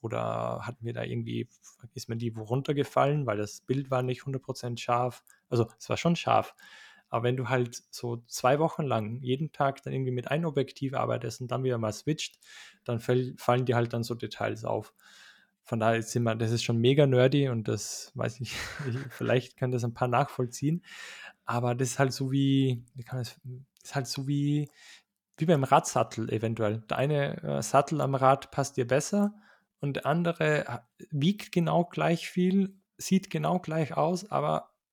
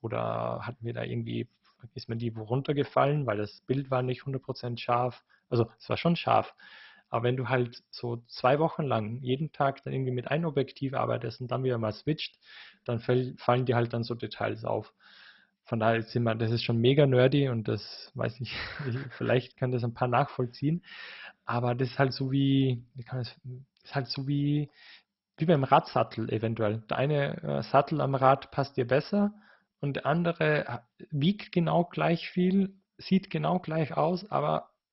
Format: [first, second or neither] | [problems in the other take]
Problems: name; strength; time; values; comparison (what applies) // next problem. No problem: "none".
first | garbled, watery; badly; nothing above 5.5 kHz